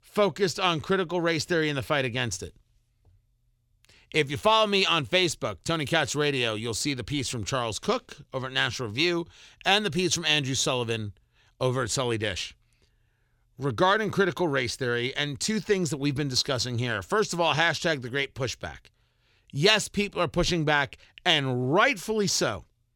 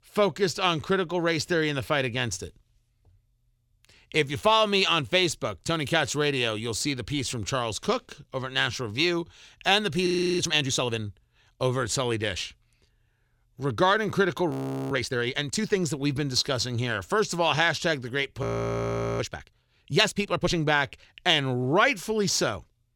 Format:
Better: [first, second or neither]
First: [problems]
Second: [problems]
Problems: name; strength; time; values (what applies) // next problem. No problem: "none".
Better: first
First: none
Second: audio freezing; at 10 s, at 15 s and at 18 s for 1 s